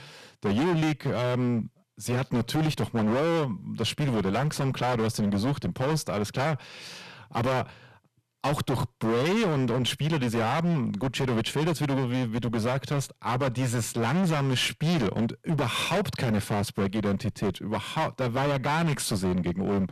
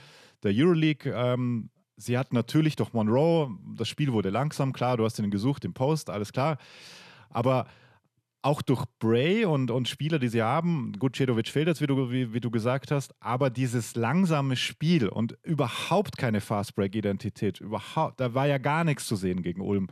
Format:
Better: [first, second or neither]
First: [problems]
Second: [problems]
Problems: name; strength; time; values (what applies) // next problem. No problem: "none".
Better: second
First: distortion; heavy; 24% of the sound clipped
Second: none